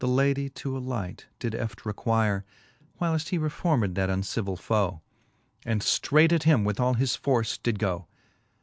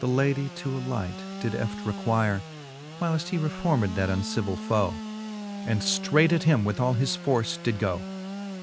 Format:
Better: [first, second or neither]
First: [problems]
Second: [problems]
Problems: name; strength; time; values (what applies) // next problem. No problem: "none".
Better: first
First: none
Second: background sound (Sawing / Engine); 10 dB below the speech